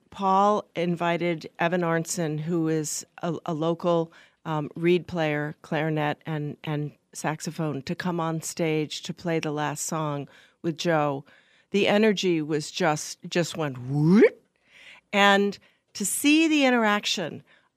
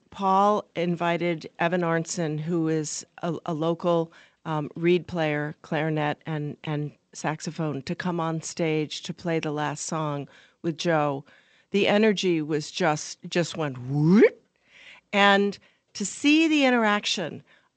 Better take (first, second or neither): first